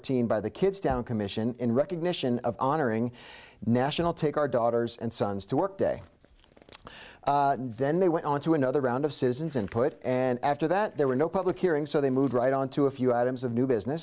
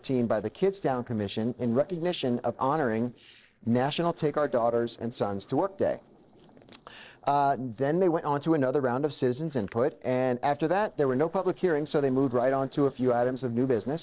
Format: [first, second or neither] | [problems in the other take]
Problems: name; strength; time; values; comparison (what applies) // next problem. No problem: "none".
first | noise reduction (neural separator model SepFormer DNS4)